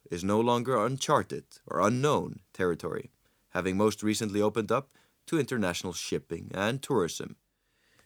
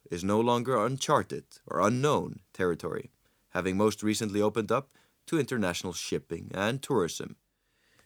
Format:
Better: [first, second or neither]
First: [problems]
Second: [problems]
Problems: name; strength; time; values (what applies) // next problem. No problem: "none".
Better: neither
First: none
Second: none